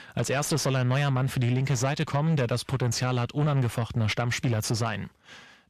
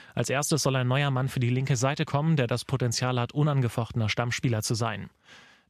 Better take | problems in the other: second | distortion; slight; 10 dB below the speech

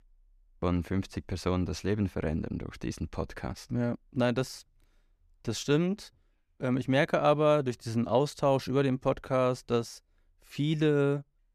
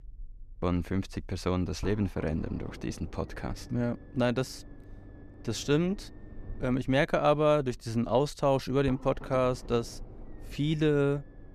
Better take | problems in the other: first | low rumble; faint; throughout; 20 dB below the speech

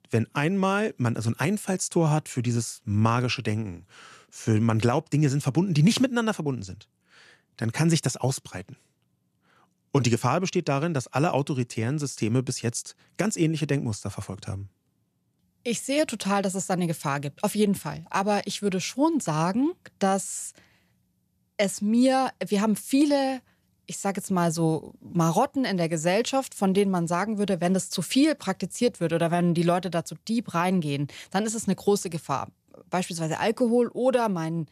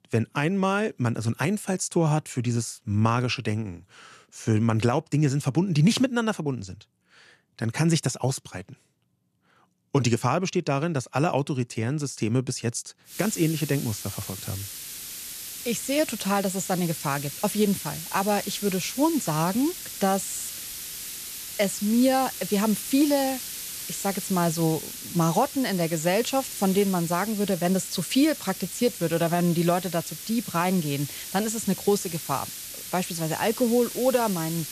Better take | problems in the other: first | hiss; loud; from 13 s on; 8 dB below the speech

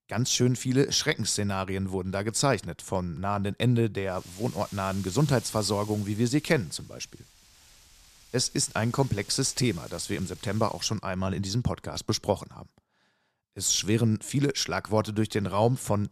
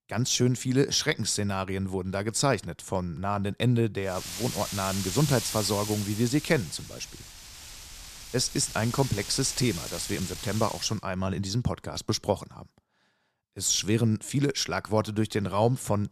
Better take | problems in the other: first | wind noise on the microphone; heavy; from 4 to 11 s; 8 dB below the speech; occasional gusts in the first

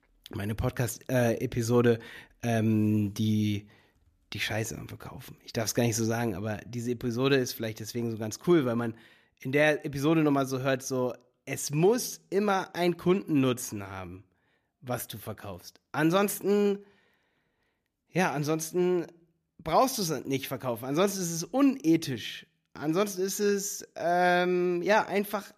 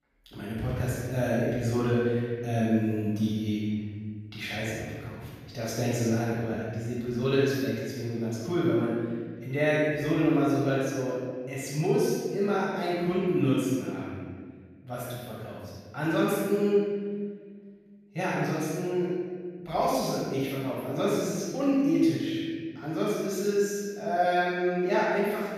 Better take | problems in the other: first | off-mic speech; far // room echo; strong; dies away in 1.8 s

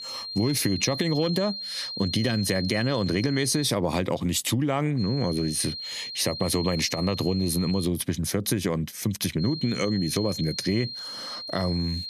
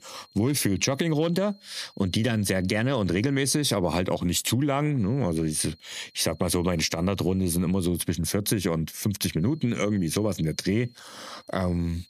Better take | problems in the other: second | high-pitched whine; loud; until 3.5 s, from 5 to 8 s and from 9.5 s on; 4 kHz, 7 dB below the speech; faint in the second

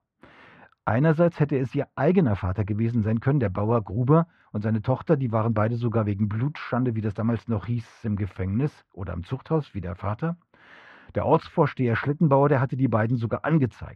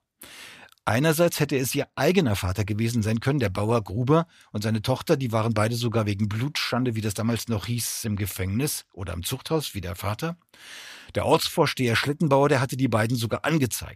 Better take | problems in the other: second | muffled; very; fading above 1.5 kHz

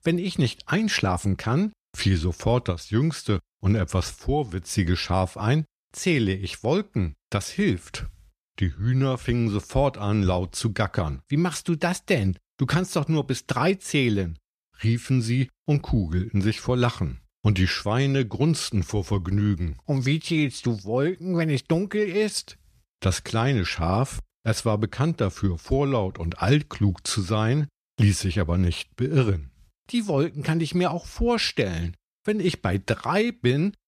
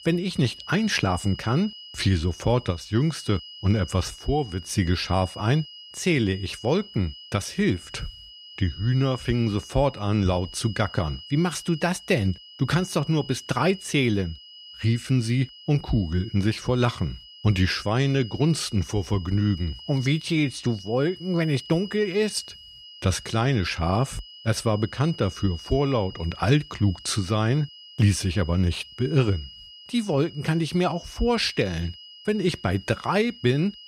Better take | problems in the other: first | high-pitched whine; noticeable; throughout; 3 kHz, 15 dB below the speech

